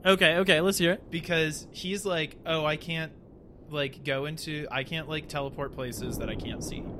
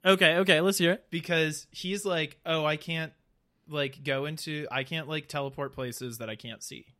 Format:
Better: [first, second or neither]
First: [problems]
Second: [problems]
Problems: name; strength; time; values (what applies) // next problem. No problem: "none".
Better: second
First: wind noise on the microphone; occasional gusts; 20 dB below the speech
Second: none